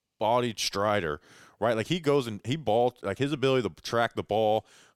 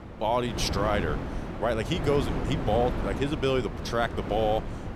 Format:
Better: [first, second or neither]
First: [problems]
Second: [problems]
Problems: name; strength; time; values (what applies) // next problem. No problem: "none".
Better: first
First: none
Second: wind noise on the microphone; heavy; 9 dB below the speech